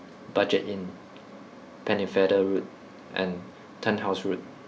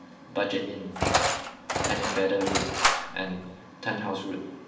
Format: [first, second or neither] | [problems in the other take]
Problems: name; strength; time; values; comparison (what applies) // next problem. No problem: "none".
first | background sound (Engine); 4 dB above the speech // room echo; dies away in 0.9 s